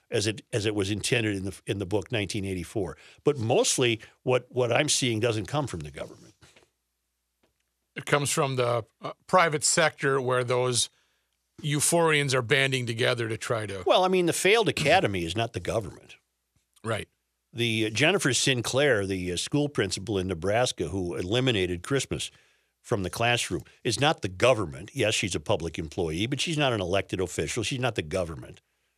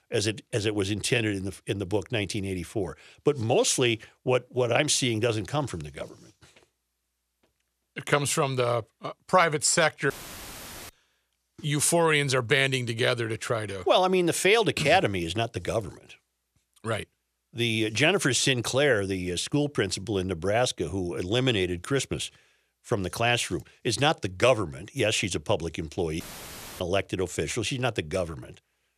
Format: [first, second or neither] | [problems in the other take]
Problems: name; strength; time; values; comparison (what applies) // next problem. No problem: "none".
first | audio cutting out; filled with static; at 10 s for 1 s and at 26 s for 0.5 s